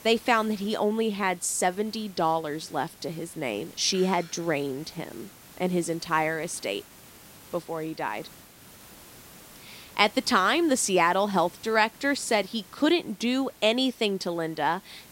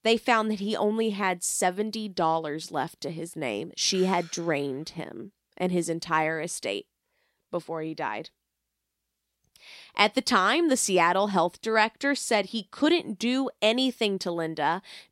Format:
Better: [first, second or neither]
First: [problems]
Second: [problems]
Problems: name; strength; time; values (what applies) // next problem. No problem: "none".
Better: second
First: hiss; faint; throughout; 20 dB below the speech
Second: none